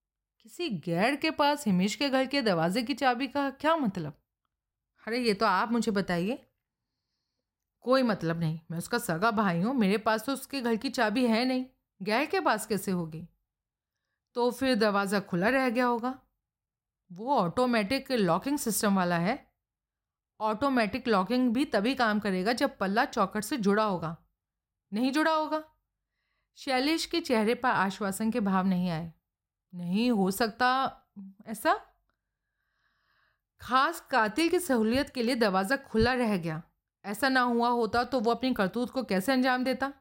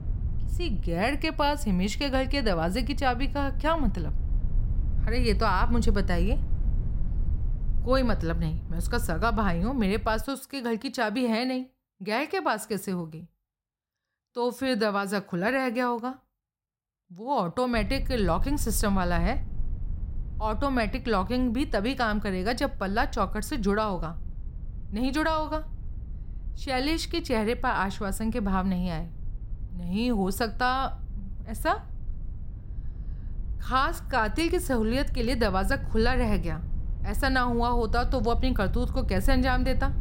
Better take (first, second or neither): first